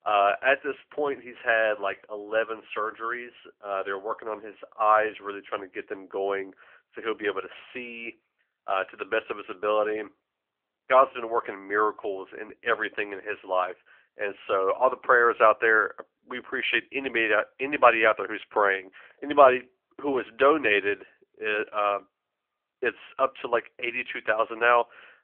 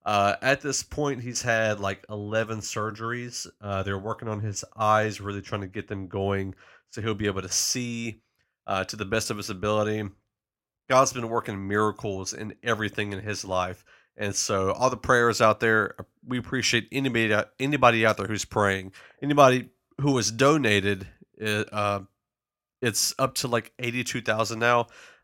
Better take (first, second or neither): second